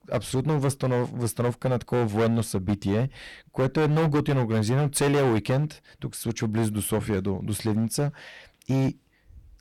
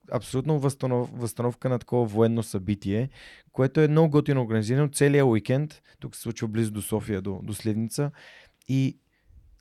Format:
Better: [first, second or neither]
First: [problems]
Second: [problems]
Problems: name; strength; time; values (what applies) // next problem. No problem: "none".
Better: second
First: distortion; heavy; 14% of the sound clipped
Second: none